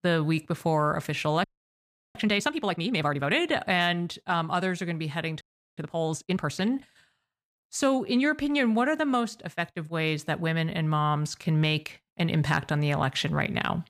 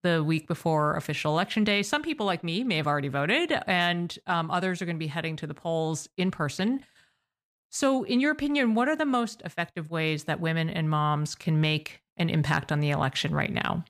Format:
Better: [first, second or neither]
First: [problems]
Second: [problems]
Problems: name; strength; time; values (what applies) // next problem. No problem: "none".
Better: second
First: audio freezing; at 1.5 s for 0.5 s and at 5.5 s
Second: none